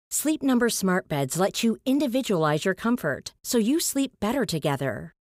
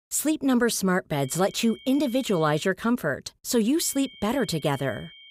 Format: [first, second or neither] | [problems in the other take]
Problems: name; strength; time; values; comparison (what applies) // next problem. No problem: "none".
first | high-pitched whine; faint; from 1 to 2.5 s and from 4 s on; 3 kHz, 20 dB below the speech